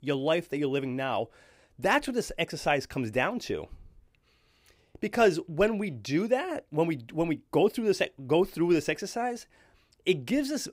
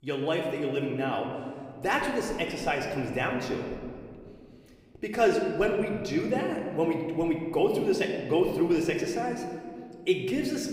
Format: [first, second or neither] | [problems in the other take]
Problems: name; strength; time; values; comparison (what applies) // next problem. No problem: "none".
first | room echo; slight; dies away in 2 s // off-mic speech; somewhat distant